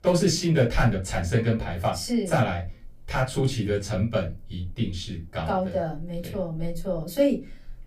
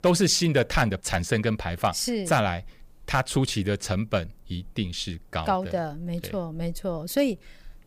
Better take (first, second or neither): second